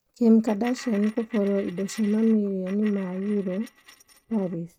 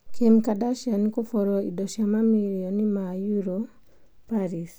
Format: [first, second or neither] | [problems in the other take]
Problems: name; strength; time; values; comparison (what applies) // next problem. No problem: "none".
second | noise reduction (neural mask model RNNoise)